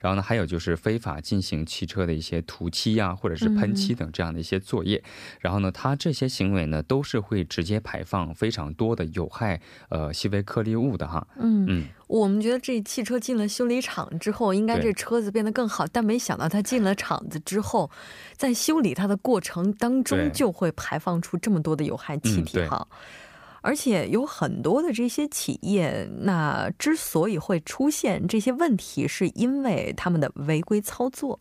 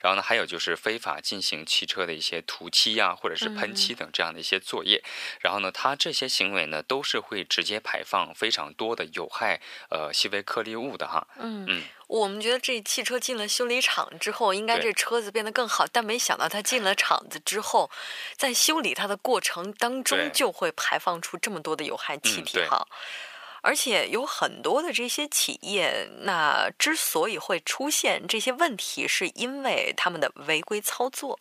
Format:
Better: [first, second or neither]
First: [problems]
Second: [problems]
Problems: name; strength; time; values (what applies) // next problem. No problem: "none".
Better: first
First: none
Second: thin; very; fading below 650 Hz